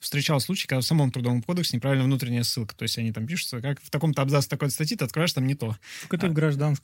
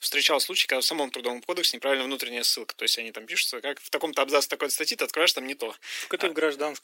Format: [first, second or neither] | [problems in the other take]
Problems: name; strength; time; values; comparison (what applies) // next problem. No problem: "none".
first | thin; very; fading below 350 Hz